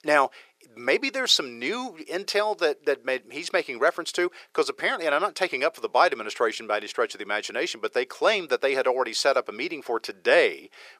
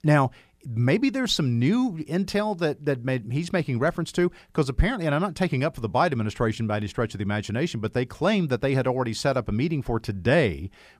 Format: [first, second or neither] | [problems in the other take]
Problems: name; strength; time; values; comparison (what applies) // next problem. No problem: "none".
second | thin; very; fading below 400 Hz